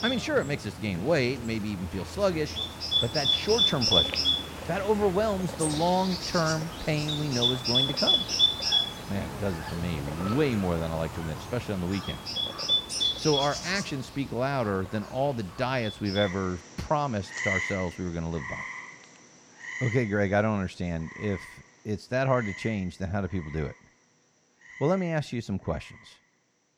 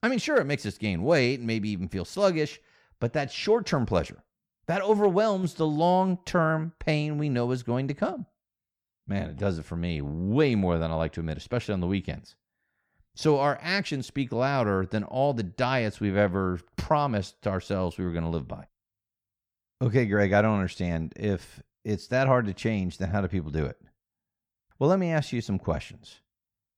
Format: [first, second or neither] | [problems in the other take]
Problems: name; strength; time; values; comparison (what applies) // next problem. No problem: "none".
second | animal sounds; very loud; throughout; 2 dB above the speech